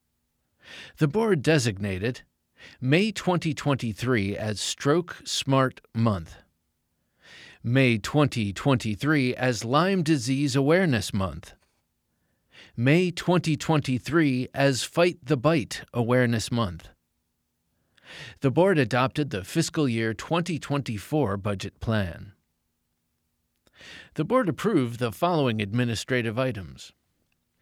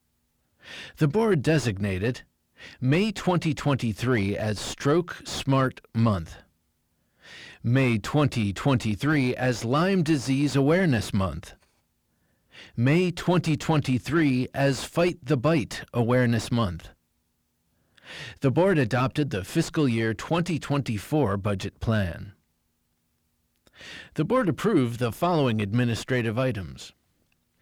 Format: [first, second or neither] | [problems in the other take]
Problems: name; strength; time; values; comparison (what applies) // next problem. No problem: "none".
first | distortion; slight; 10 dB below the speech